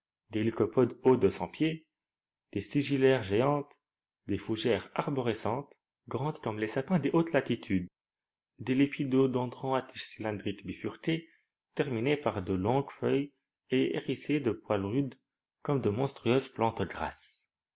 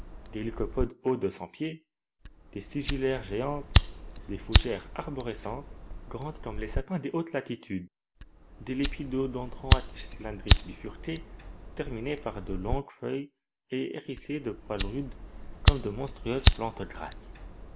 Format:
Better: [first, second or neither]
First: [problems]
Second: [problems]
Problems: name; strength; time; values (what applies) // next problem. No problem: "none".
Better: first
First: none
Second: background sound (Fire); 4 dB above the speech